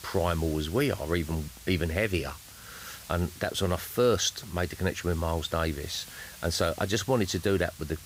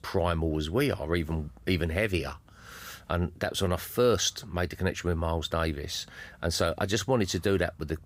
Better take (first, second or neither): second